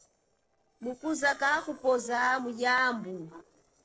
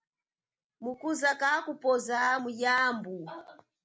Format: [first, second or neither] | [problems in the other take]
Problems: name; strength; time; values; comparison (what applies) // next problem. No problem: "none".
second | noise reduction (neural separator model SepFormer DNS4)